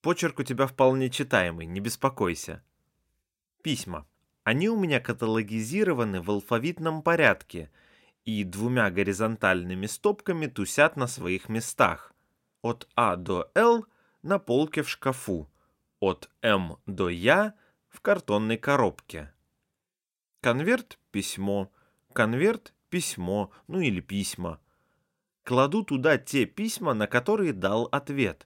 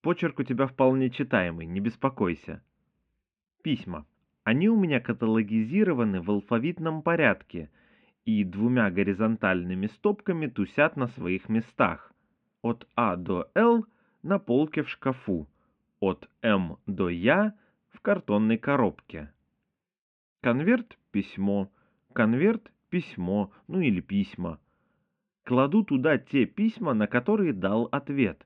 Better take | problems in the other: first | muffled; very; fading above 3 kHz

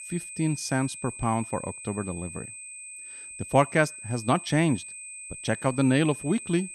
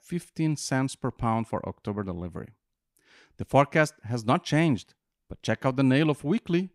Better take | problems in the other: second | high-pitched whine; noticeable; throughout; 8.5 kHz, 10 dB below the speech

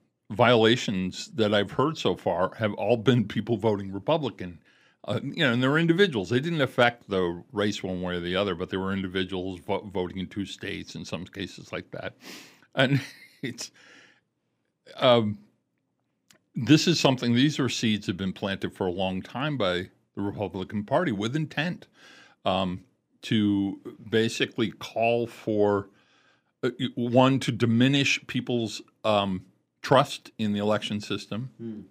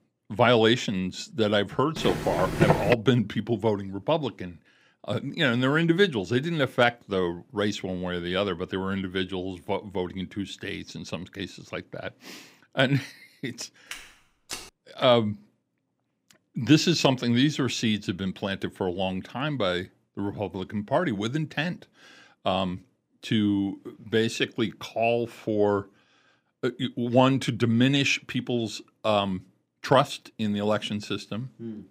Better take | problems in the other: first | footsteps; loud; at 2 s; peak 3 dB above the speech // footsteps; faint; at 14 s; peak 10 dB below the speech

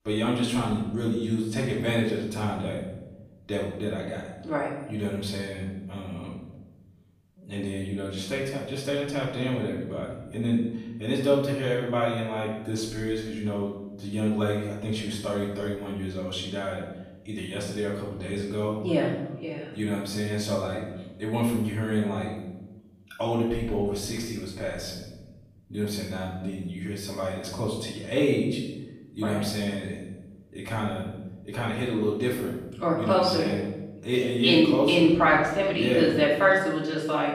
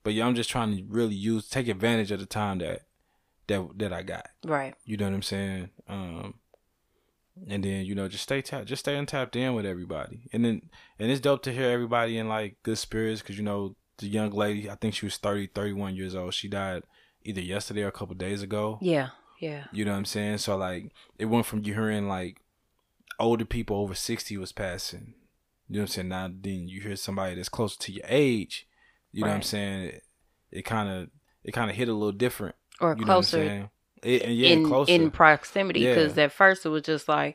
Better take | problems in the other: second | off-mic speech; far // room echo; noticeable; dies away in 1 s

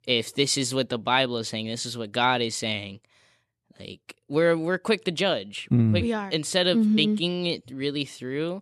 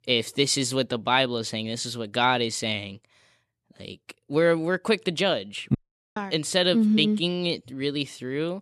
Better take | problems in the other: first | audio cutting out; at 6 s

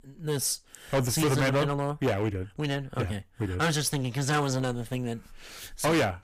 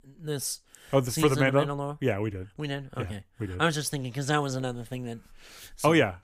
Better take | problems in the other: second | distortion; heavy; 10% of the sound clipped

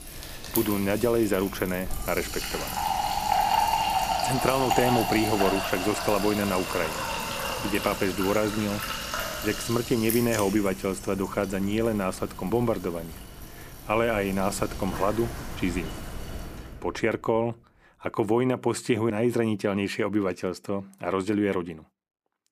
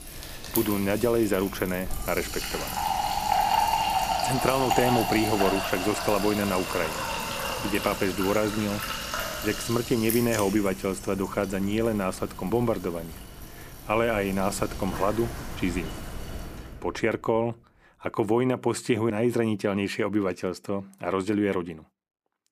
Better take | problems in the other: neither | household noises; loud; until 17 s; 3 dB below the speech; the same in both

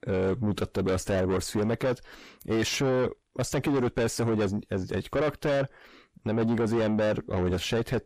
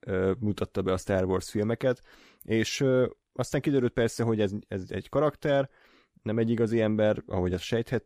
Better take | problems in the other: second | distortion; heavy; 7 dB below the speech

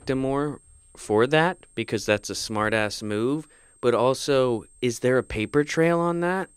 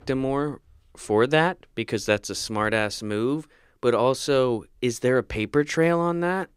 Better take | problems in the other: second | high-pitched whine; faint; throughout; 8.5 kHz, 30 dB below the speech

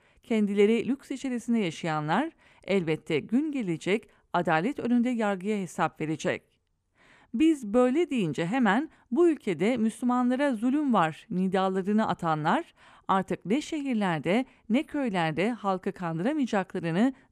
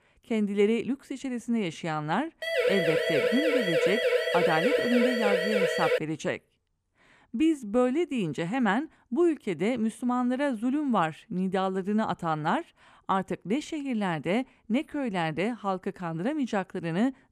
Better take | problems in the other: first | siren; loud; from 2.5 to 6 s; peak 4 dB above the speech

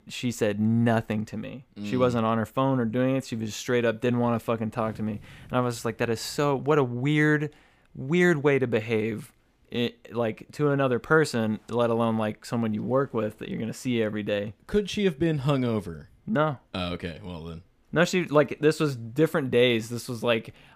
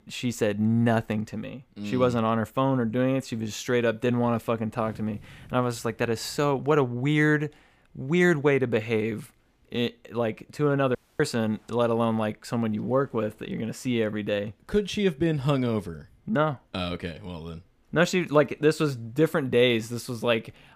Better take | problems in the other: first | audio cutting out; at 11 s

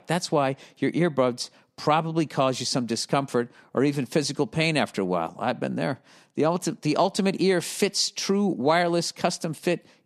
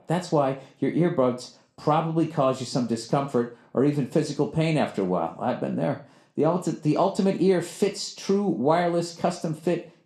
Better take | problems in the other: first | room echo; slight; dies away in 0.4 s

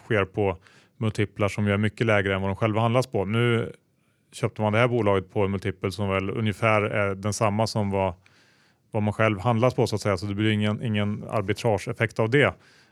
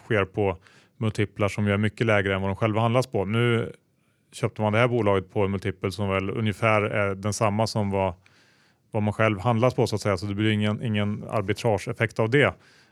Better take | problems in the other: neither | none

